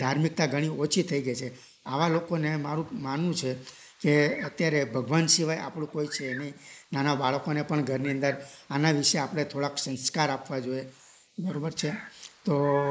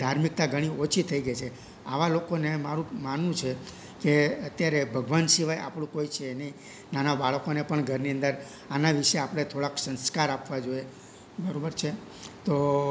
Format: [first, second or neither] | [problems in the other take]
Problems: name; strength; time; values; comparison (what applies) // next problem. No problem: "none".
second | noise reduction (neural mask model Resemble Enhance denoiser)